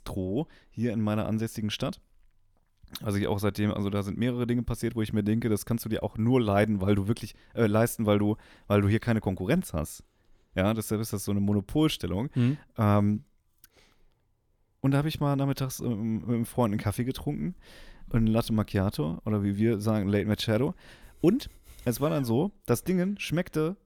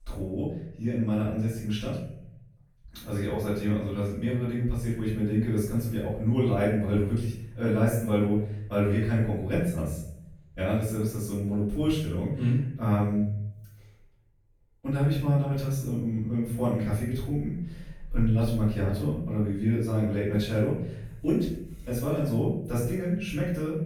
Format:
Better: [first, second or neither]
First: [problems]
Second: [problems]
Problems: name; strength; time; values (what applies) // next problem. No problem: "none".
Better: first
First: none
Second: off-mic speech; far // room echo; strong; dies away in 0.7 s